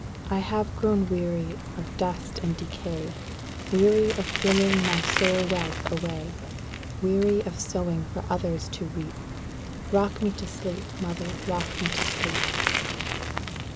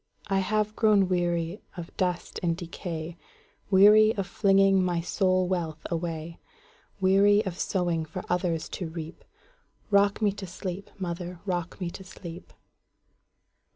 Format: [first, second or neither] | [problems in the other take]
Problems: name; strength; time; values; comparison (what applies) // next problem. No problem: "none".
second | background sound (Bicycle); 4 dB below the speech